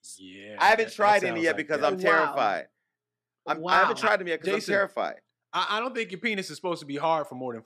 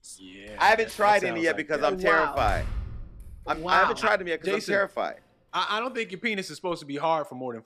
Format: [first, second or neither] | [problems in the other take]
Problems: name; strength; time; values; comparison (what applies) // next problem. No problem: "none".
first | door banging; noticeable; from 1 to 4 s; peak 8 dB below the speech